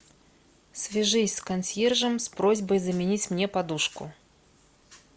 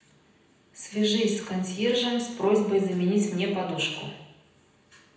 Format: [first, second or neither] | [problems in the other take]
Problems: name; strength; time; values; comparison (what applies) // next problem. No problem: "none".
first | room echo; dies away in 0.9 s